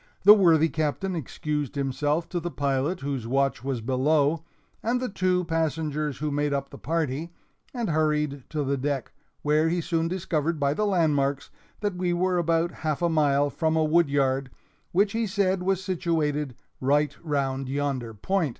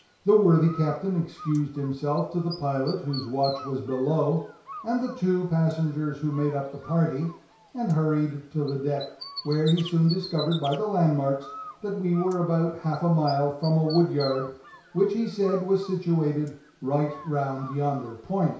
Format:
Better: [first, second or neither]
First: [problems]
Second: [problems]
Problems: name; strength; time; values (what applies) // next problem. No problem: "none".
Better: first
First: none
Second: background sound (Bird); 18 dB below the speech // room echo; dies away in 0.6 s